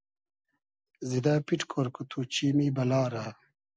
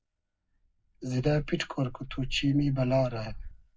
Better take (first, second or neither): first